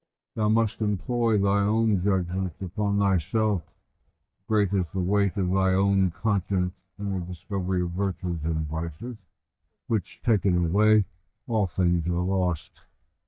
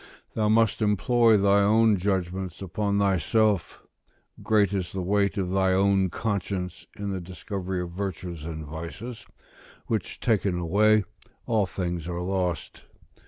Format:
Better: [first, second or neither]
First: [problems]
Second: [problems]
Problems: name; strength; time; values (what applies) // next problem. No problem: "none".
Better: second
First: noise reduction (neural mask model DeepFilterNet 3)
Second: none